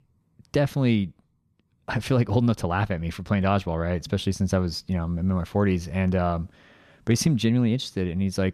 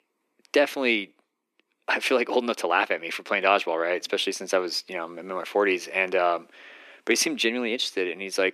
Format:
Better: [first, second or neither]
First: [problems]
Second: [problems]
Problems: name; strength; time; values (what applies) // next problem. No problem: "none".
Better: first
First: none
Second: thin; very; fading below 300 Hz